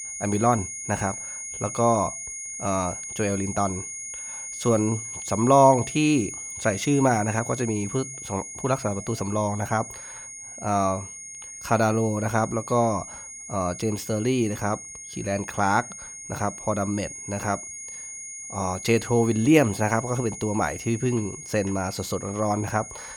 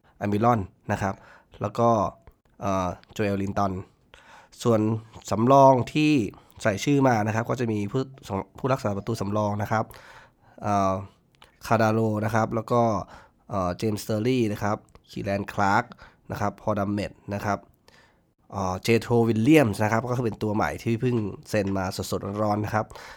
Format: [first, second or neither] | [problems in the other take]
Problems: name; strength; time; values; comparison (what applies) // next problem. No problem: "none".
second | high-pitched whine; loud; throughout; 6.5 kHz, 9 dB below the speech